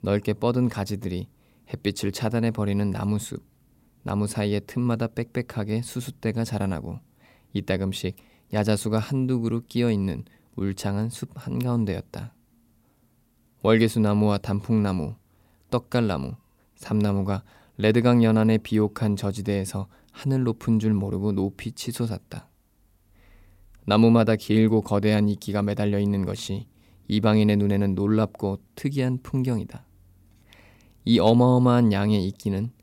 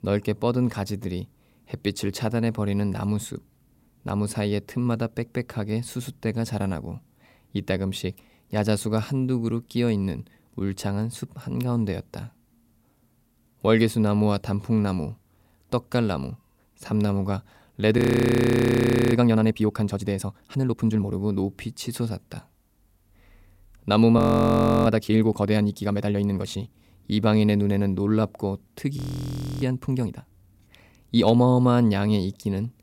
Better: first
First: none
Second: audio freezing; at 18 s for 1 s, at 24 s for 0.5 s and at 29 s for 0.5 s

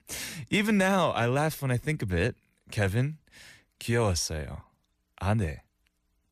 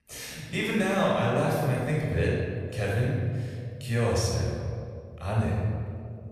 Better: first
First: none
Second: off-mic speech; far // room echo; strong; dies away in 2 s

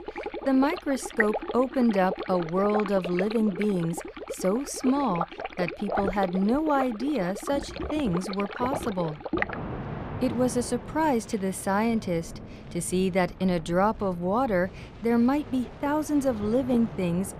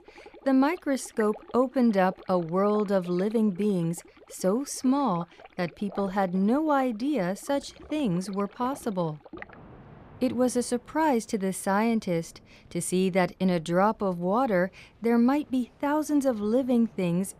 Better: second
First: rain or running water; loud; throughout; 9 dB below the speech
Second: rain or running water; faint; throughout; 25 dB below the speech

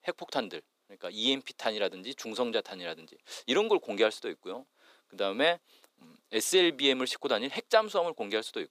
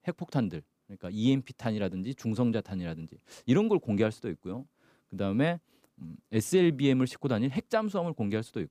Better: second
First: thin; very; fading below 450 Hz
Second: none

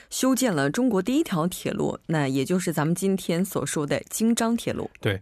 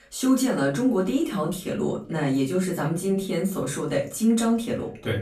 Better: first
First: none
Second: room echo; slight; dies away in 0.3 s // off-mic speech; far

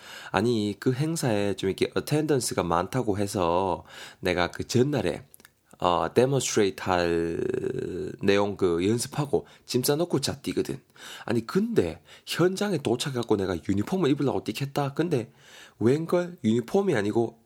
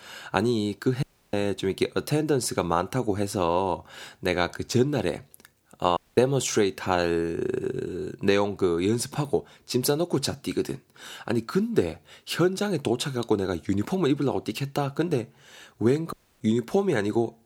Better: first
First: none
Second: audio cutting out; at 1 s, at 6 s and at 16 s

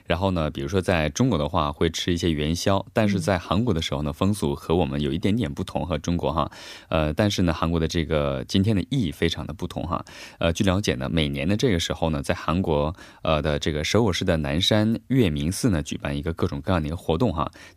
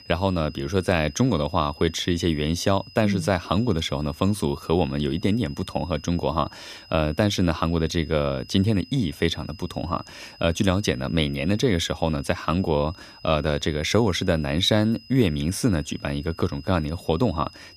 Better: first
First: none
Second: high-pitched whine; faint; throughout; 5 kHz, 20 dB below the speech

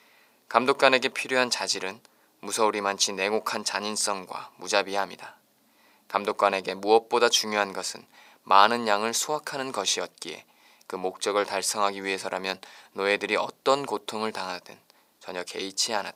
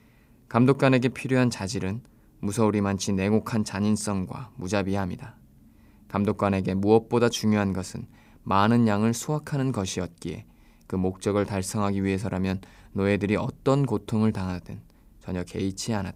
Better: second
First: thin; very; fading below 700 Hz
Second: none

